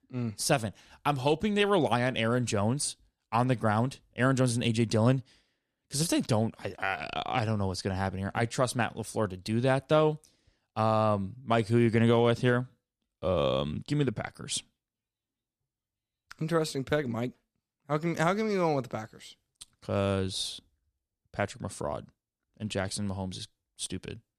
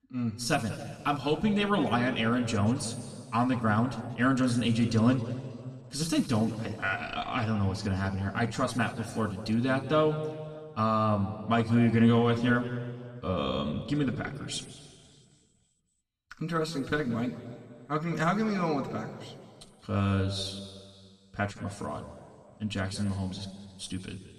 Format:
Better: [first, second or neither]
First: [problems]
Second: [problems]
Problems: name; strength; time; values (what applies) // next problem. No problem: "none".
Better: first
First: none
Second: room echo; slight; dies away in 2 s // off-mic speech; somewhat distant